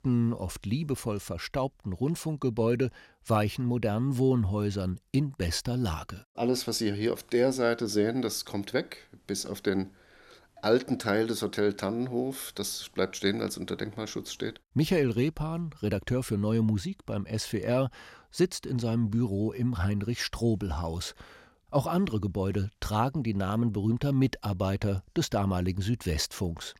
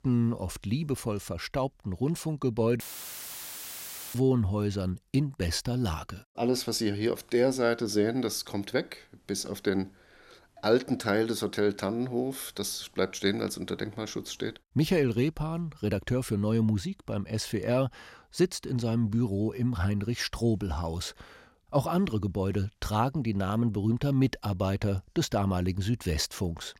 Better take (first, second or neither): first